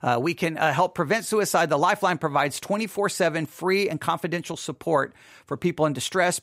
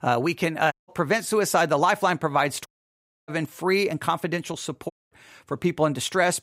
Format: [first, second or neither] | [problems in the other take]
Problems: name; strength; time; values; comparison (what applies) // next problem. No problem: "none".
first | audio cutting out; at 0.5 s, at 2.5 s for 0.5 s and at 5 s